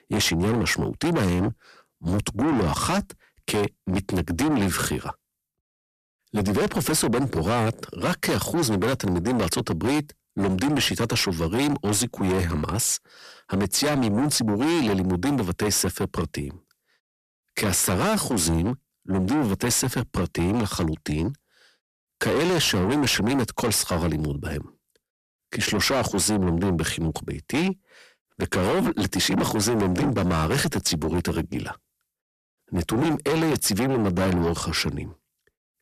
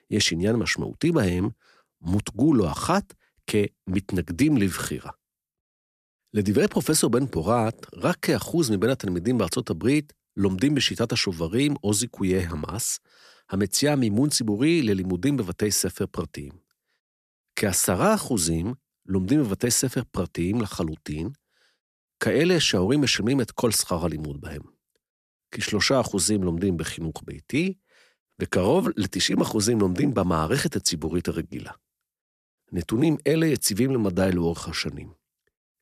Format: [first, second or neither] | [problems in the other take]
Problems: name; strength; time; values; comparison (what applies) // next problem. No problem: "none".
second | distortion; heavy; 6 dB below the speech